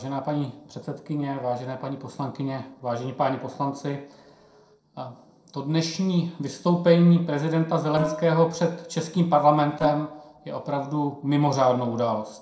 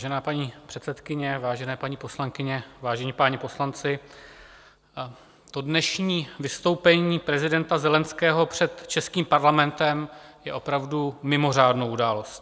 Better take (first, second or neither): second